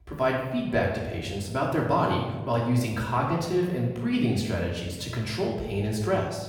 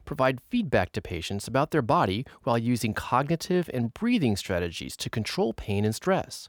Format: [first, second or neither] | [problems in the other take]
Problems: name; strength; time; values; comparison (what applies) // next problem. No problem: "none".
second | off-mic speech; far // room echo; noticeable; dies away in 1.1 s